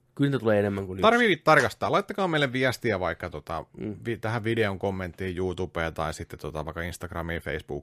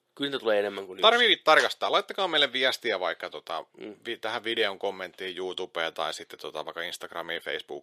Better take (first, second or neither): first